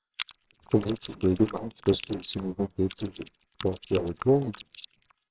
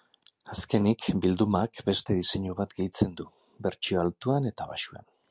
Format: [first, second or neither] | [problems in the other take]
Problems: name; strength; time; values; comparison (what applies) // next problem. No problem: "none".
second | noise reduction (neural separator model SepFormer WHAMR!)